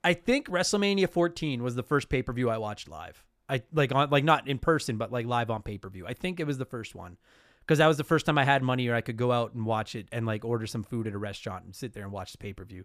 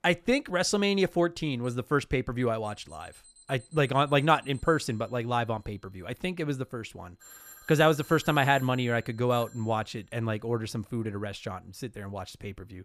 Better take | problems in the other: first | alarms or sirens; faint; throughout; 25 dB below the speech

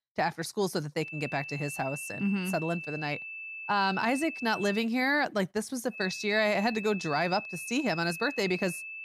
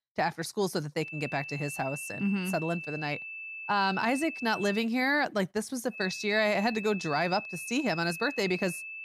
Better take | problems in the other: neither | high-pitched whine; loud; from 1 to 5 s and from 6 s on; 2.5 kHz, 9 dB below the speech; the same in both

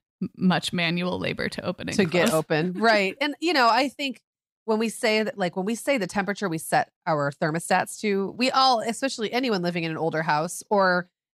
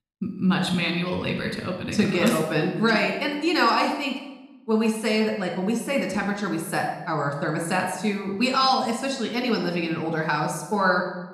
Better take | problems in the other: first | room echo; noticeable; dies away in 0.8 s // off-mic speech; somewhat distant

